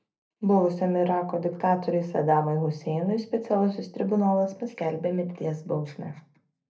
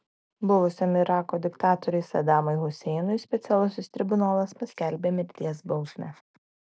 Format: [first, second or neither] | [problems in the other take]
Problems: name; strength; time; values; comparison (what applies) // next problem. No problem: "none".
second | room echo; dies away in 0.3 s